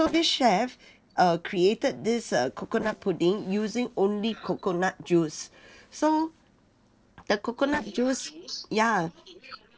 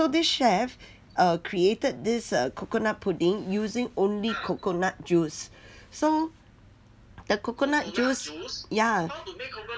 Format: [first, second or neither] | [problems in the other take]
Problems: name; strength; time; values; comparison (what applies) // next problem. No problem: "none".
second | noise reduction (neural separator model SepFormer DNS4)